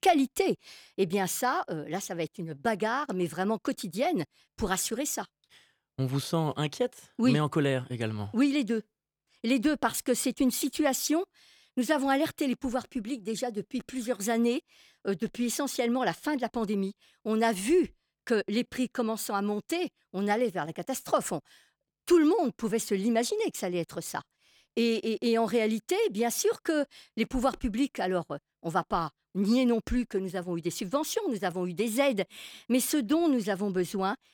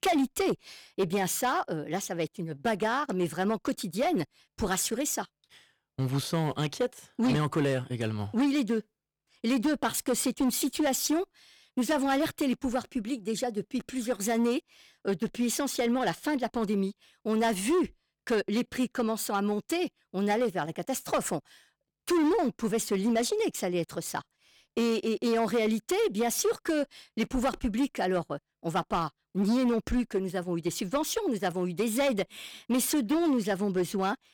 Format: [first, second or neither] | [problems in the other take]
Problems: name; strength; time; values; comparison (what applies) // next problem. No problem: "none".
first | distortion; slight; 8% of the sound clipped